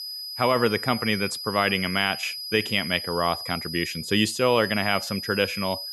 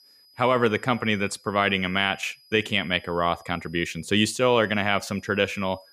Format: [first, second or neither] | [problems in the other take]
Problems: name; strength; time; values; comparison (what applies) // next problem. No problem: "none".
second | high-pitched whine; loud; throughout; 5 kHz, 8 dB below the speech; faint in the second